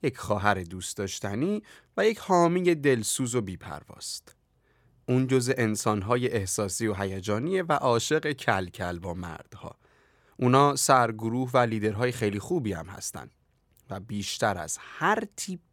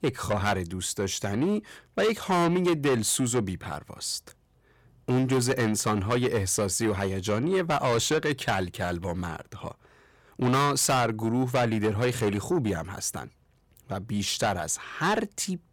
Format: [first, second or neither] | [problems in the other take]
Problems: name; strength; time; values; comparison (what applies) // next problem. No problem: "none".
first | distortion; heavy; 6 dB below the speech